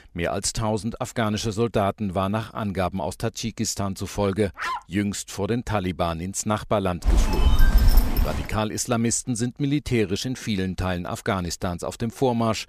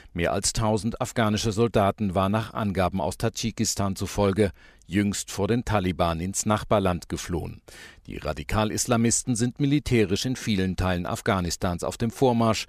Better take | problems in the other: second | dog barking; noticeable; at 4.5 s; peak 4 dB below the speech // phone ringing; loud; from 7 to 8.5 s; peak 5 dB above the speech

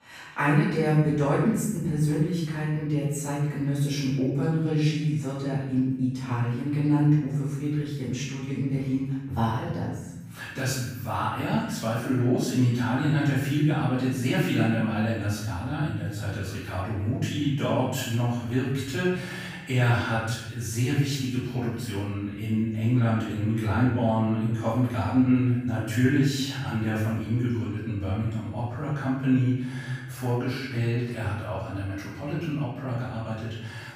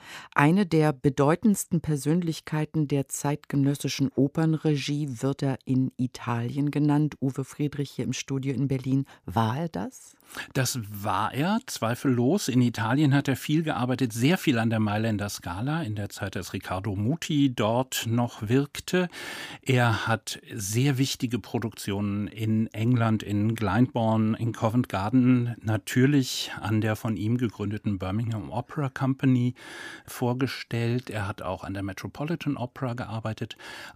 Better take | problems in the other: second | off-mic speech; far // room echo; strong; dies away in 1.1 s

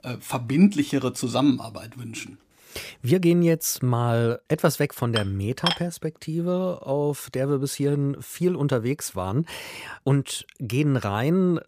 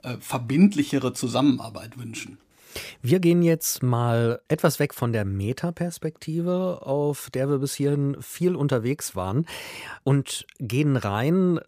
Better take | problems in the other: second | clattering dishes; noticeable; at 5 s; peak 2 dB below the speech

